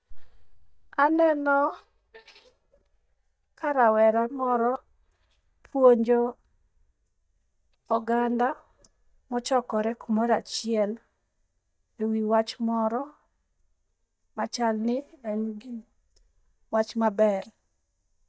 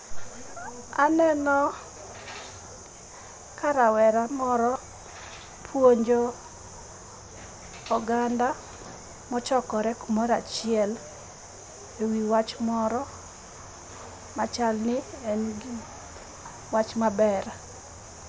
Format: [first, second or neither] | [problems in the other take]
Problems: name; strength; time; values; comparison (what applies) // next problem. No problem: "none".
second | noise reduction (neural mask model DeepFilterNet 3)